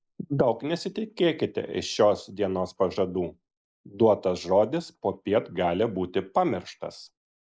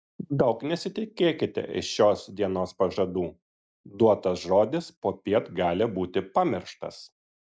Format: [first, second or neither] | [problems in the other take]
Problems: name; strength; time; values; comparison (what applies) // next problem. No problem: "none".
second | noise reduction (neural mask model Resemble Enhance denoiser)